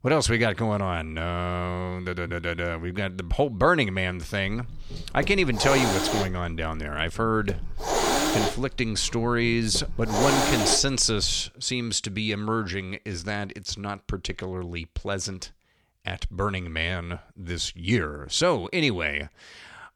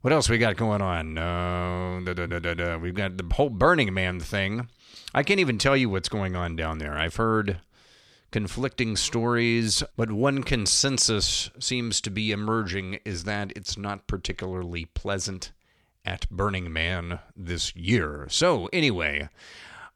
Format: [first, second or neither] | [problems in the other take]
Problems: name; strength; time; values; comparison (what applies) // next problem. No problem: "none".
second | hiss; loud; from 4.5 to 11 s; 1 dB below the speech